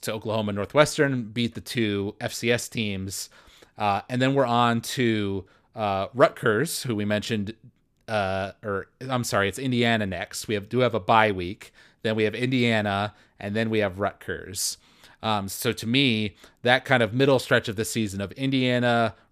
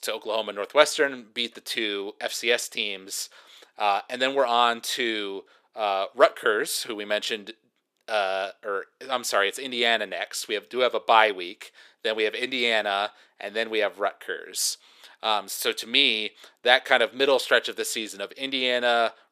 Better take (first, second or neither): first